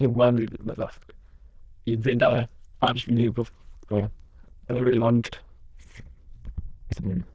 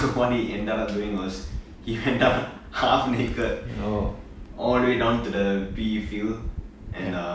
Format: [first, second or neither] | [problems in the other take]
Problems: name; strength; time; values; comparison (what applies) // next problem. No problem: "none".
second | noise reduction (neural diffusion model UNIVERSE++)